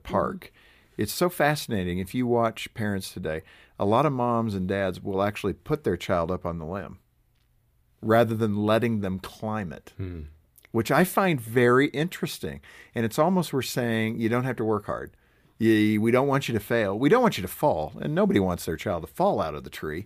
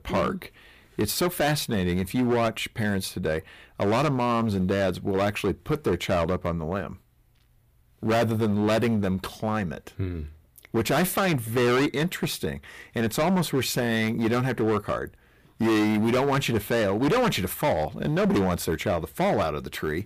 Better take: first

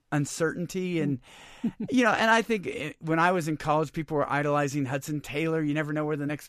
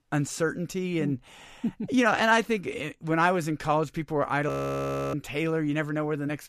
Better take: first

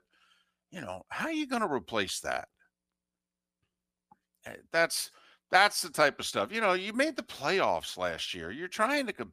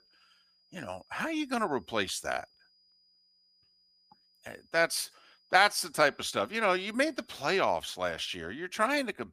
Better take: first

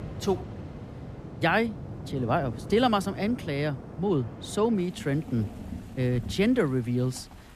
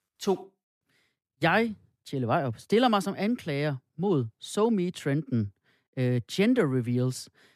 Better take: second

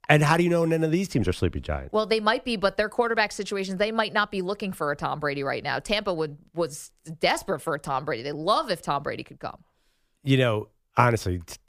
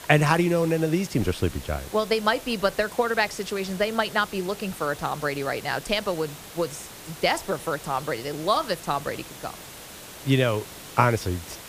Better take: first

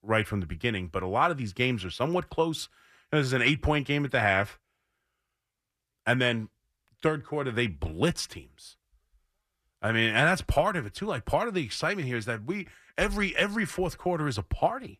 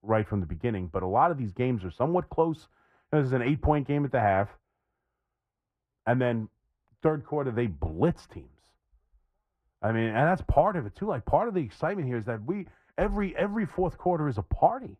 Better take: first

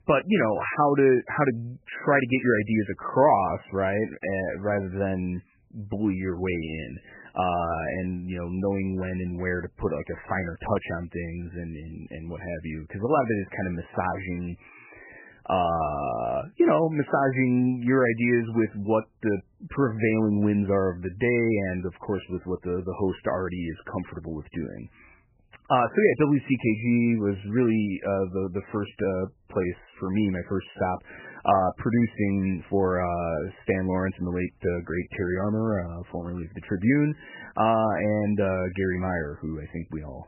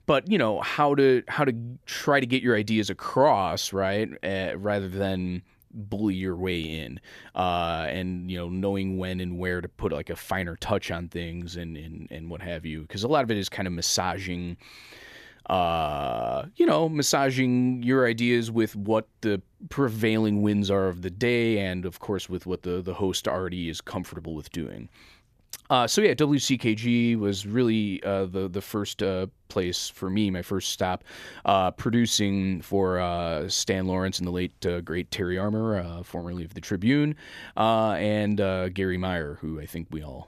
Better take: second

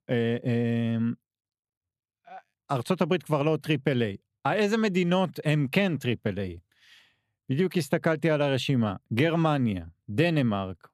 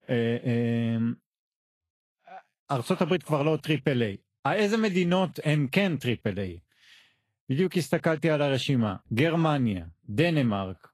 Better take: first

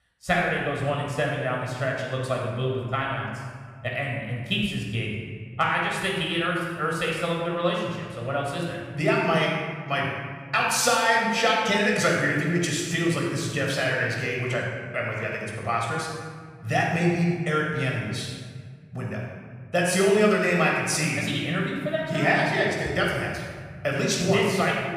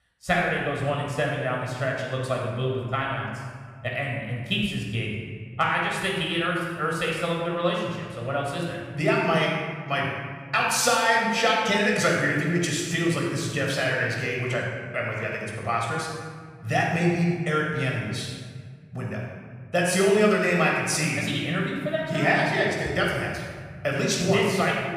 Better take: neither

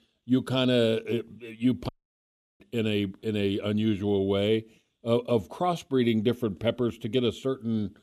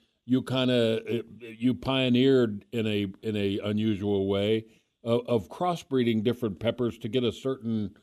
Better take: second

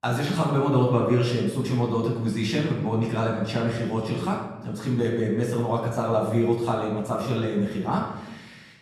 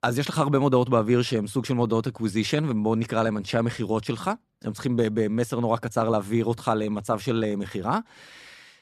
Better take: second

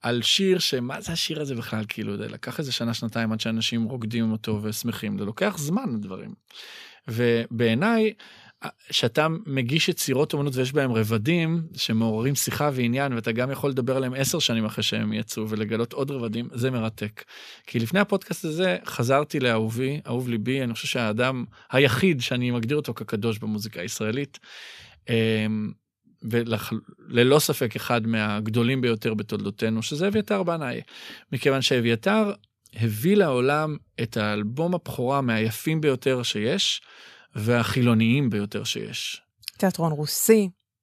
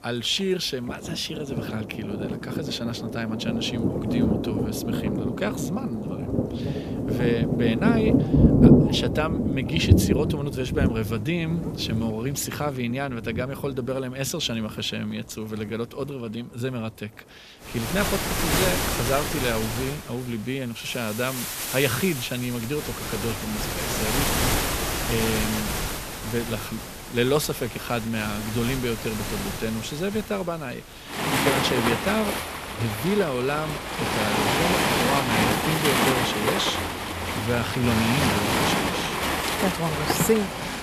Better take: first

